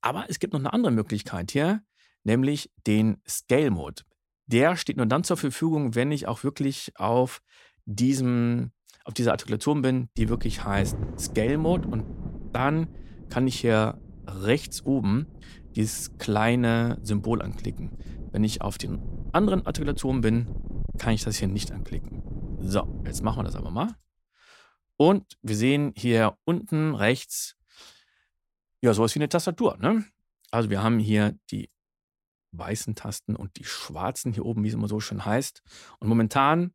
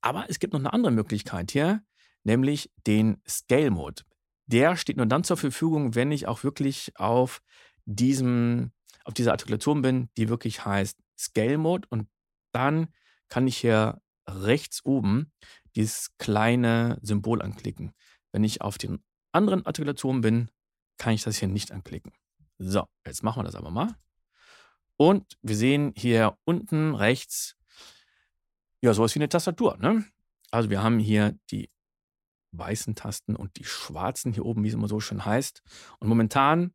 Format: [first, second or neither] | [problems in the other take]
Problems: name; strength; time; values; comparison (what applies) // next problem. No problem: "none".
second | wind noise on the microphone; occasional gusts; from 10 to 24 s; 20 dB below the speech